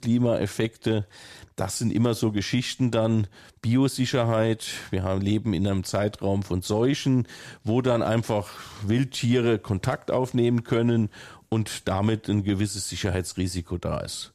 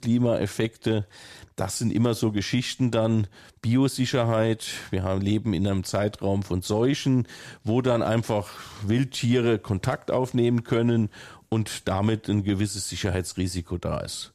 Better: neither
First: none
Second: none

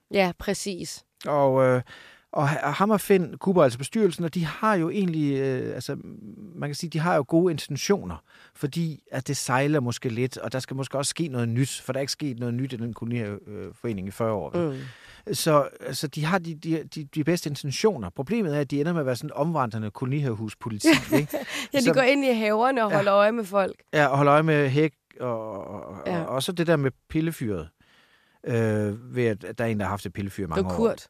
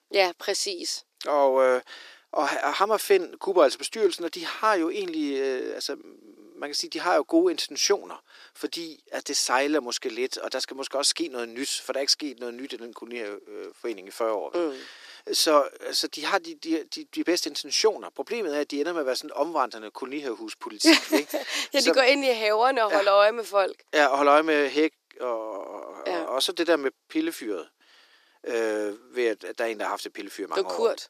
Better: first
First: none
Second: thin; somewhat; fading below 300 Hz

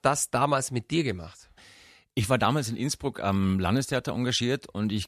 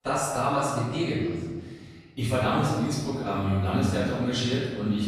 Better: first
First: none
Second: off-mic speech; far // room echo; strong; dies away in 1.6 s

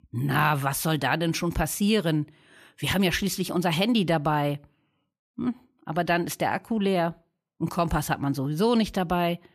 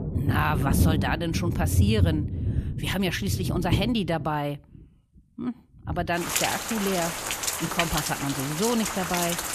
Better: first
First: none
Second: rain or running water; very loud; throughout; 1 dB above the speech

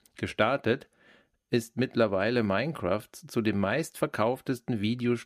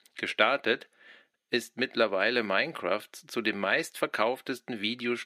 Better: first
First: none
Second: thin; somewhat; fading below 300 Hz

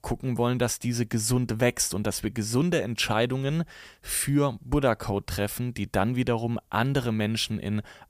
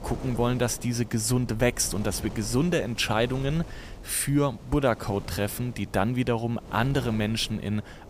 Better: first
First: none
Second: wind noise on the microphone; occasional gusts; 20 dB below the speech

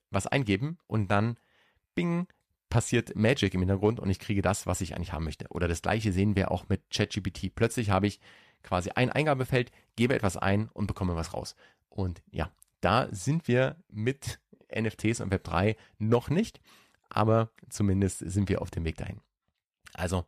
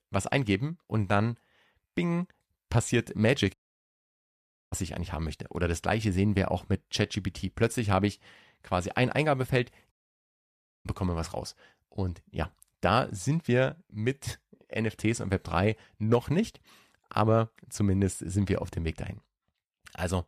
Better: first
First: none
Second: audio cutting out; at 3.5 s for 1 s and at 10 s for 1 s

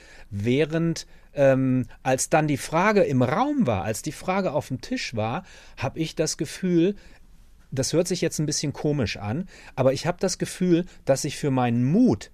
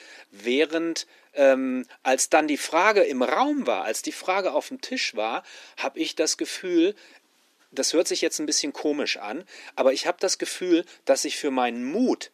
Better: first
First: none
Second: thin; somewhat; fading below 300 Hz

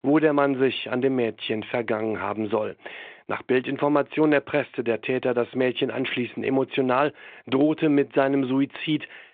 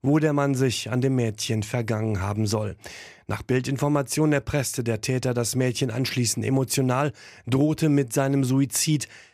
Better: second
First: phone-call audio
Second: none

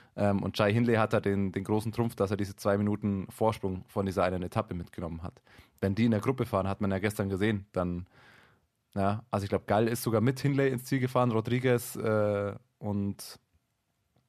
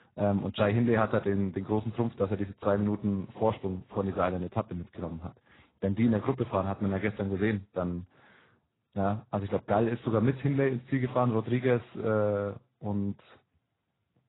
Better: first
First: none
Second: garbled, watery; badly; nothing above 4 kHz

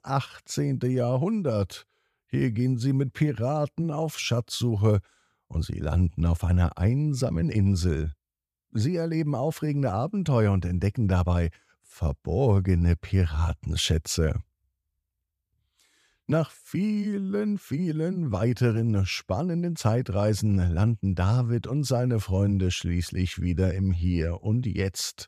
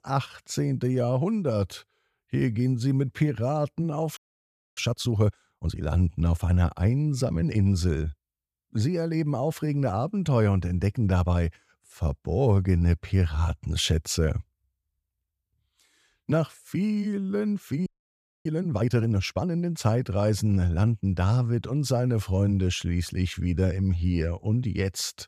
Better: first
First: none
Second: audio freezing; at 4 s for 0.5 s and at 18 s for 0.5 s

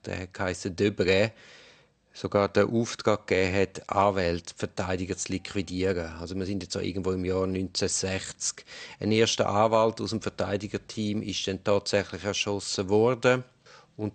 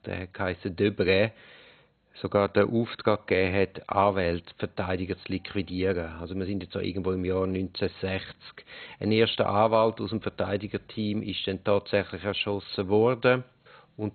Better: first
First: garbled, watery; slightly; nothing above 8.5 kHz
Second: garbled, watery; badly; nothing above 4 kHz

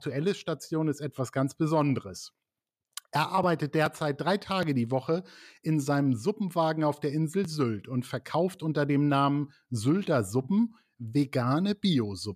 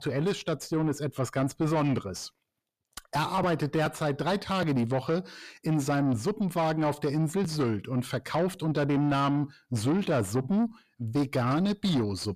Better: first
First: none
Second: distortion; slight; 10 dB below the speech

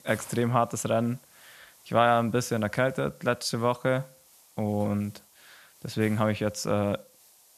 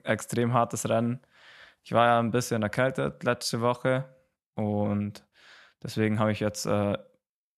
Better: second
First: hiss; faint; throughout; 25 dB below the speech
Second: none

